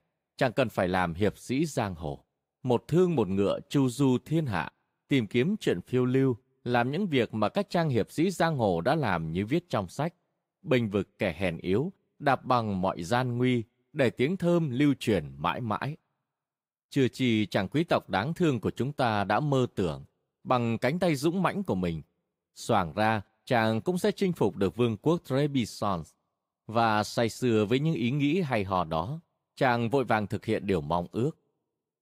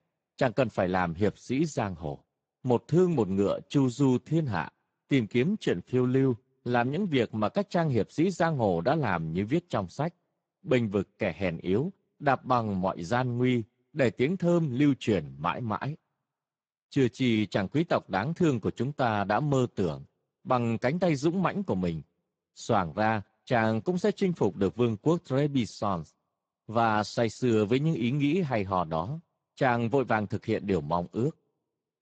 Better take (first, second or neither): first